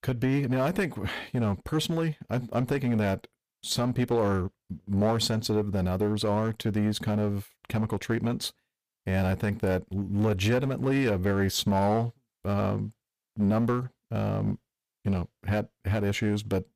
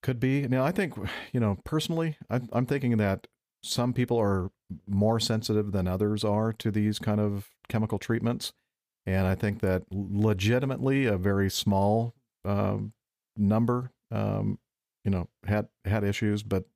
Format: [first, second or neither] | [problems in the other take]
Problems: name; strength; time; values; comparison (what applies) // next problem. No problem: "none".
second | distortion; slight; 7% of the sound clipped